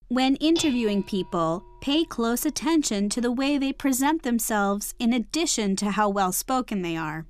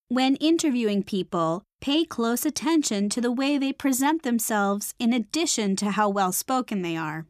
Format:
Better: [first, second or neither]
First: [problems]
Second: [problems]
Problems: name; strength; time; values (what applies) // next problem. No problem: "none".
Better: second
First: clattering dishes; noticeable; peak 7 dB below the speech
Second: none